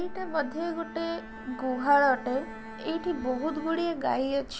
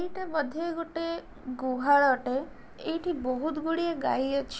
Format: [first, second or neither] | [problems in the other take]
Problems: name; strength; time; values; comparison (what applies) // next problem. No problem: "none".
second | background sound (Bowed string instrument); 14 dB below the speech